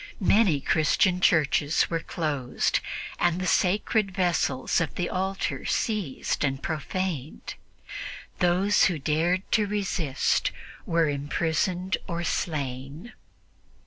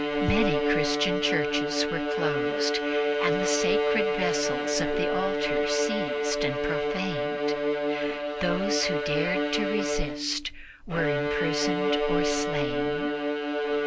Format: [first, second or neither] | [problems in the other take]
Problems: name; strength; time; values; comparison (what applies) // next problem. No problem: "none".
first | background sound (Bowed string instrument); 5 dB above the speech